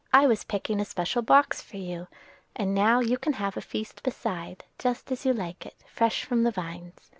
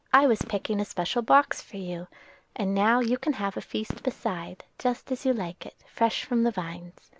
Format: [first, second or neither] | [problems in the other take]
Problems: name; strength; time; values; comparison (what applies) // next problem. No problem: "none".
first | background sound (Fireworks); 20 dB below the speech